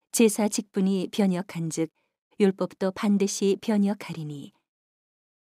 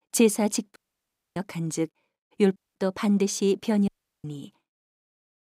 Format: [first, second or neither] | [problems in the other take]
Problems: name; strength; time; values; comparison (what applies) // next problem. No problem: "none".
first | audio cutting out; at 1 s for 0.5 s, at 2.5 s and at 4 s